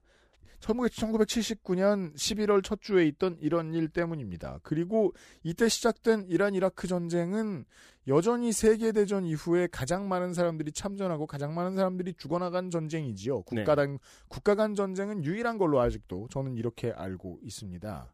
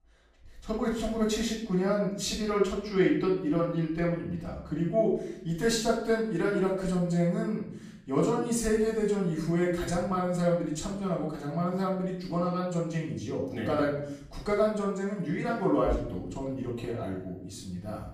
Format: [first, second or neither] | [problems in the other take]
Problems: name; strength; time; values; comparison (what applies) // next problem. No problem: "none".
first | off-mic speech; far // room echo; noticeable; dies away in 0.7 s